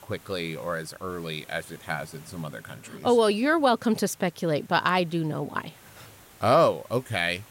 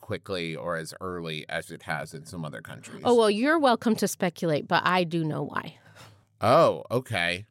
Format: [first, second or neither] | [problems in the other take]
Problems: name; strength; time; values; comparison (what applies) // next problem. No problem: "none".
second | hiss; faint; throughout; 25 dB below the speech